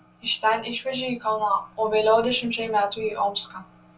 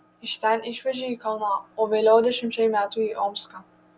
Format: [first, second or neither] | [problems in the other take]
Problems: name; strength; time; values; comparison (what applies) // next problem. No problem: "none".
second | room echo; dies away in 0.2 s